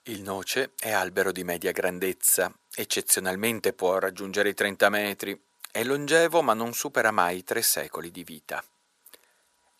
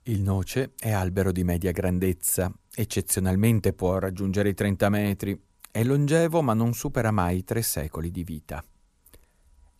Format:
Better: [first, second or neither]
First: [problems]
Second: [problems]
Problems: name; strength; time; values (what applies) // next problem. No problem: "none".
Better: second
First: thin; very; fading below 450 Hz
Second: none